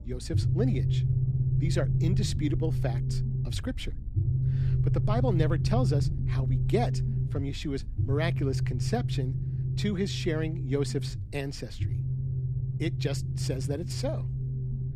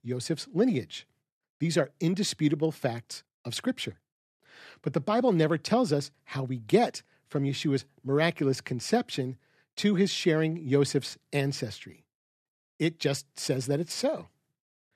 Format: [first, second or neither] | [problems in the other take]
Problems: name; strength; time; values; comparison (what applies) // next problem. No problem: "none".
second | low rumble; loud; throughout; 6 dB below the speech